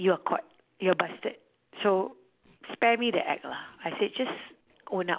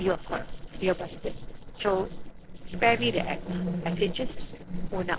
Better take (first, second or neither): first